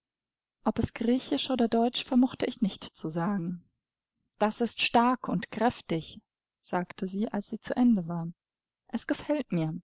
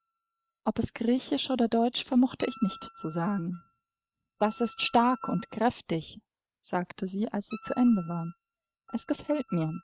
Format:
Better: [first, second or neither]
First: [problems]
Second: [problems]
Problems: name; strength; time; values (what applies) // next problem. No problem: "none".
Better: first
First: none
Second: noise reduction (neural mask model RNNoise)